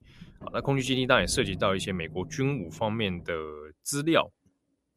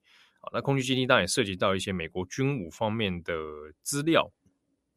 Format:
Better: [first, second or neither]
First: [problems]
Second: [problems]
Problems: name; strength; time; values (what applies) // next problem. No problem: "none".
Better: second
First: low rumble; faint; until 3.5 s; 25 dB below the speech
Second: none